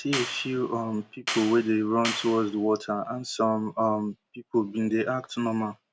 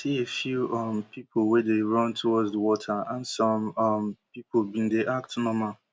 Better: second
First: background sound (Clapping); 8 dB below the speech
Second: none

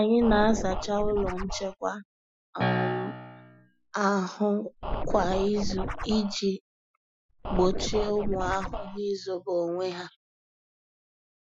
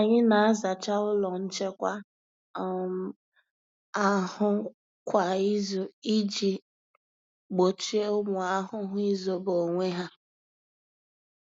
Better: second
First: noise reduction (classical method Wiener filter)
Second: none

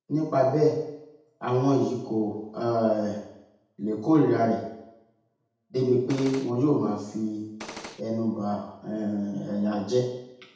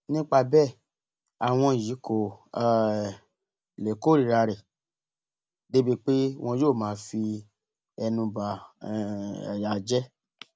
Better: second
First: background sound (Gunshot, gunfire); 13 dB below the speech // room echo; dies away in 0.8 s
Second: none

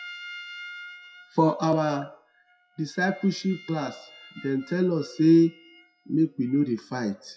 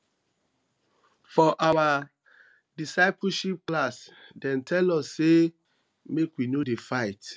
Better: second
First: noise reduction (classical method WPE with log-MMSE)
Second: none

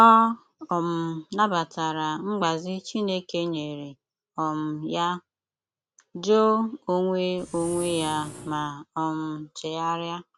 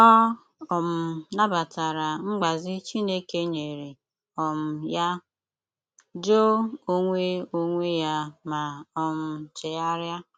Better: second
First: background sound (Engine); 14 dB below the speech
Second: none

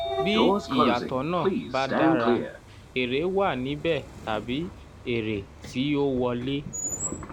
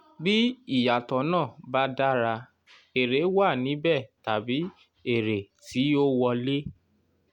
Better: second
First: background sound (Sliding door / Train); 2 dB below the speech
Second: none

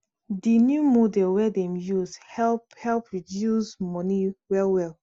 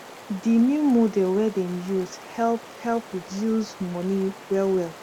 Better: first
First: none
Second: background sound (Stream); 18 dB below the speech

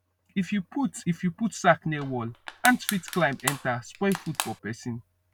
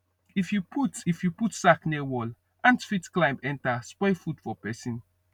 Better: second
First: background sound (Crushing); 8 dB below the speech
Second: none

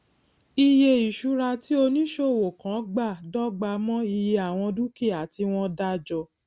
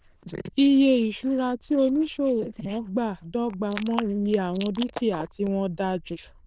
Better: first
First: none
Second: noise reduction (neural diffusion model UNIVERSE++)

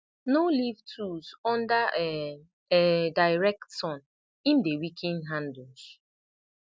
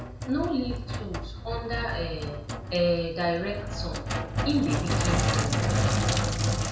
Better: first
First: none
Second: background sound (Sink (filling or washing)); 2 dB above the speech // room echo; dies away in 0.5 s

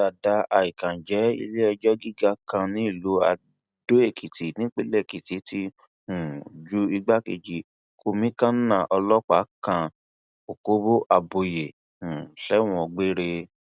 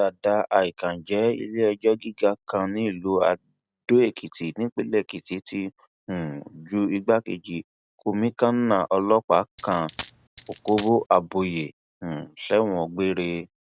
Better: first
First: none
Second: background sound (Coin (dropping)); 16 dB below the speech

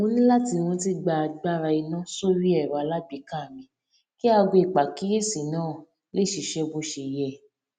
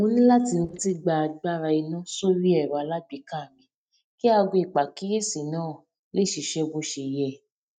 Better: first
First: none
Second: noise reduction (neural mask model DeepFilterNet 3)

